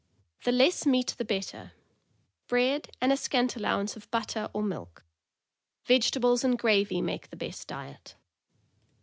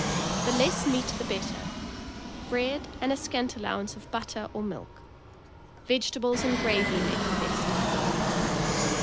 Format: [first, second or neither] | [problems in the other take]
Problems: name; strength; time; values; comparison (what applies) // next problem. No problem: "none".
first | background sound (Fixed-wing aircraft, airplane); 1 dB above the speech